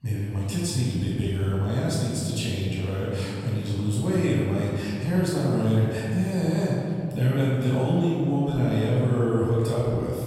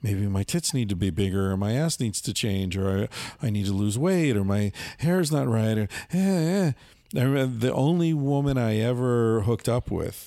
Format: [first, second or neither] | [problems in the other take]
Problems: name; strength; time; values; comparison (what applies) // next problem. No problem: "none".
second | room echo; strong; dies away in 2.3 s // off-mic speech; far